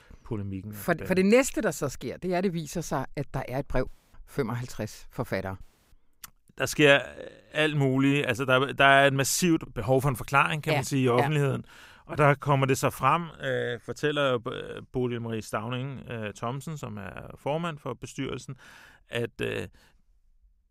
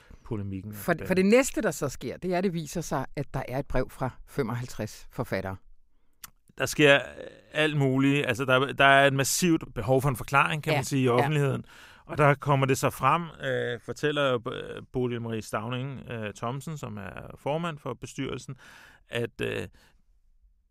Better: second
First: audio cutting out; at 4 s and at 5.5 s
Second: none

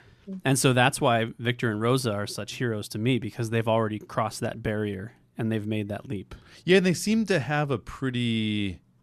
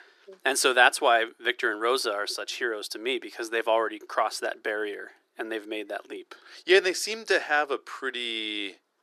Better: first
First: none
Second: thin; very; fading below 350 Hz

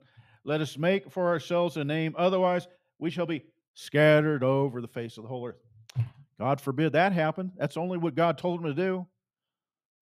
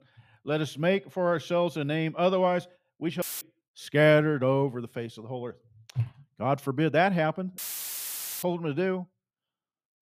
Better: first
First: none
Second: audio cutting out; filled with static; at 3 s and at 7.5 s for 1 s

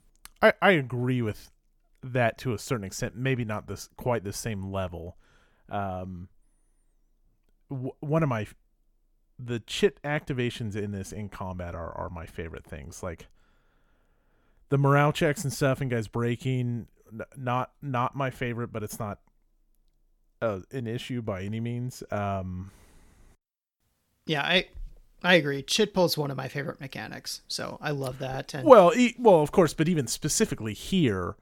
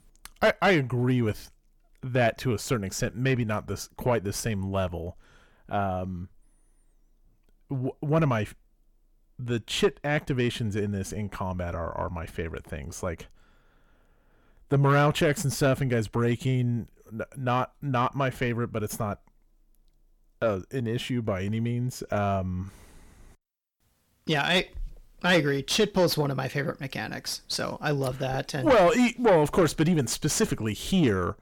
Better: first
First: none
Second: distortion; heavy; 7 dB below the speech

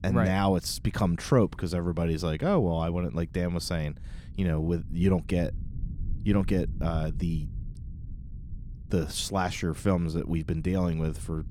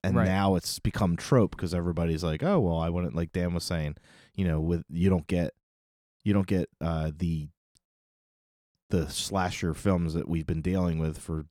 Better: second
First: low rumble; faint; throughout; 25 dB below the speech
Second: none

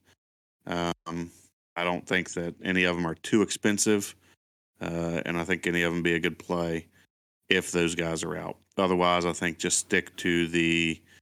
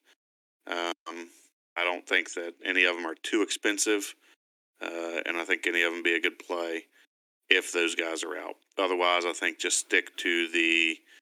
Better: first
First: none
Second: thin; somewhat; fading below 300 Hz

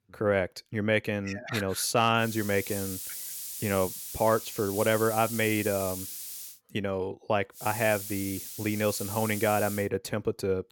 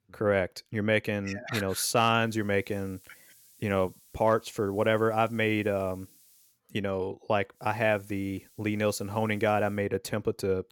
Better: second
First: hiss; loud; from 2 to 6.5 s and from 7.5 to 10 s; 7 dB below the speech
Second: hiss; faint; from 2 to 6.5 s and from 7.5 to 10 s; 25 dB below the speech

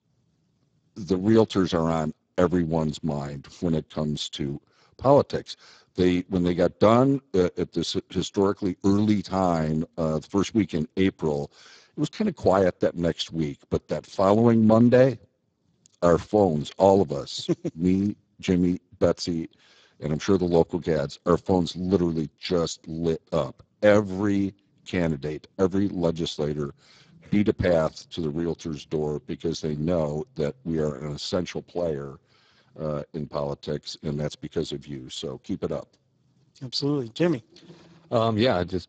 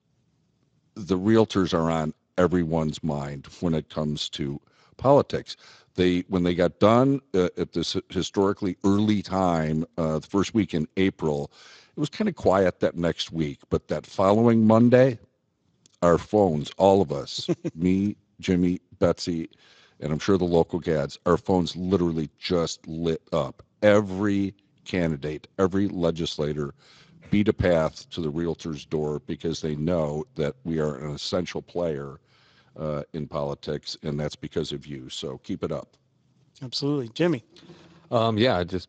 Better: second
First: garbled, watery; badly; nothing above 7.5 kHz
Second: garbled, watery; slightly; nothing above 7.5 kHz

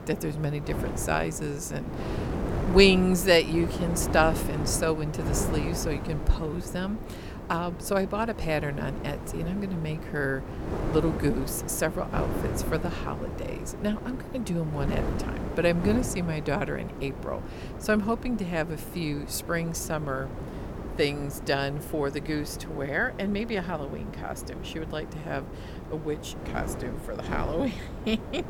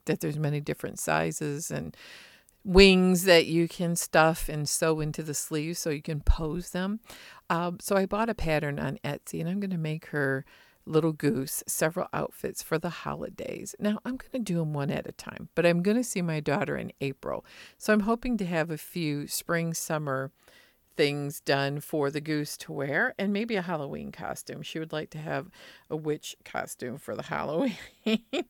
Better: second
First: wind noise on the microphone; heavy; 9 dB below the speech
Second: none

